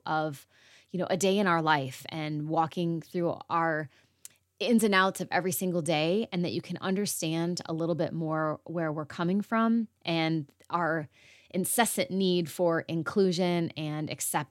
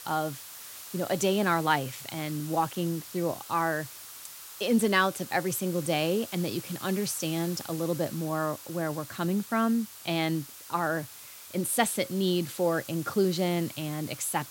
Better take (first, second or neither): first